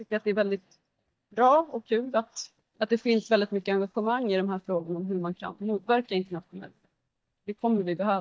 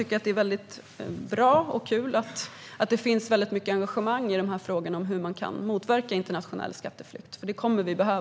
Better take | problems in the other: second | noise reduction (neural mask model DeepFilterNet 3)

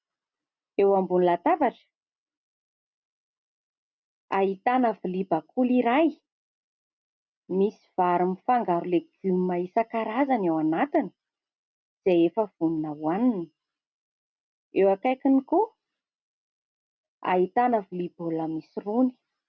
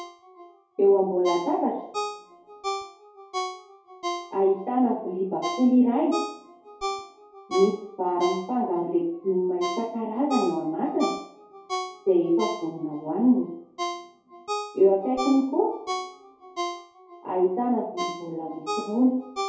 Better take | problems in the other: first | background sound (Ringtone); 9 dB below the speech // room echo; dies away in 2.2 s

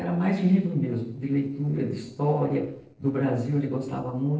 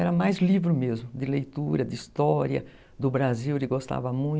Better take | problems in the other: second | noise reduction (neural separator model SepFormer DNS4)

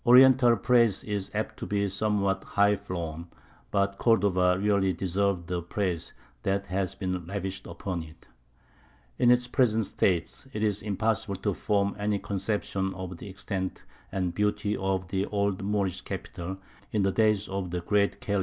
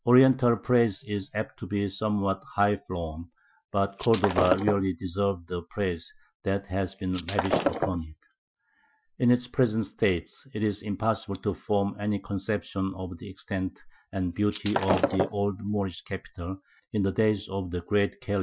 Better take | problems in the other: first | noise reduction (classical method Wiener filter)

